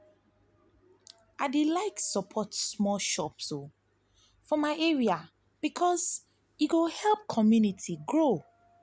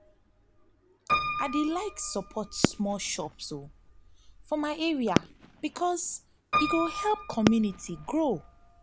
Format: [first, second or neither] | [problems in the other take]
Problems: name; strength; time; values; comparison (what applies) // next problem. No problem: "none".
first | background sound (Fireworks + Piano); 3 dB below the speech